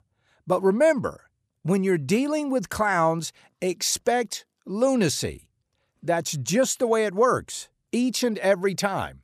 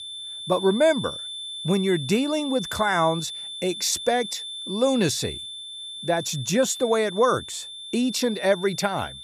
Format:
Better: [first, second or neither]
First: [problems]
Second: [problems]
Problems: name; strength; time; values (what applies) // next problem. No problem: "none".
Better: first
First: none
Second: high-pitched whine; loud; throughout; 3.5 kHz, 9 dB below the speech